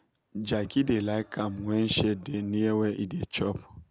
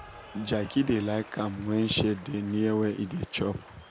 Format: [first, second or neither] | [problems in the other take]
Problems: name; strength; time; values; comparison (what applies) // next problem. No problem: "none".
first | background sound (Applause / Cheering); 20 dB below the speech